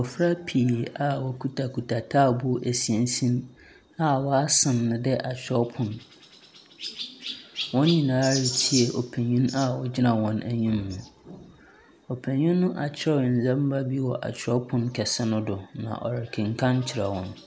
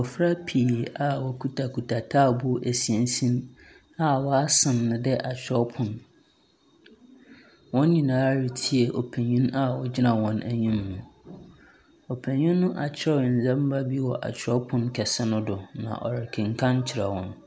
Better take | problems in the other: second | background sound (Chirp, tweet); 15 dB below the speech

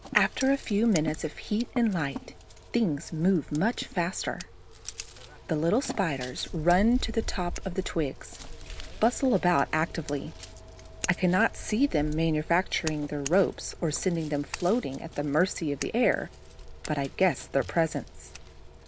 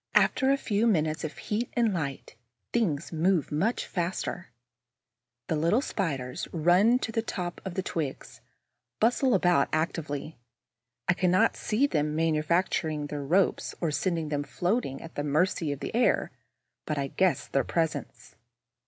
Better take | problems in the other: second | background sound (Scissors); 12 dB below the speech

